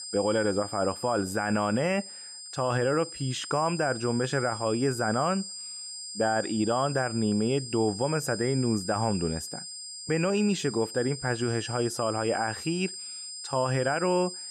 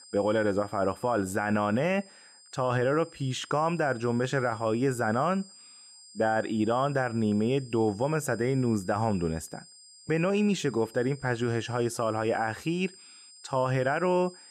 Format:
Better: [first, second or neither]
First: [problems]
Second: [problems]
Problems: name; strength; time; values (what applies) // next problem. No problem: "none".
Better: second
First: high-pitched whine; loud; throughout; 5 kHz, 9 dB below the speech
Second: high-pitched whine; faint; throughout; 5 kHz, 20 dB below the speech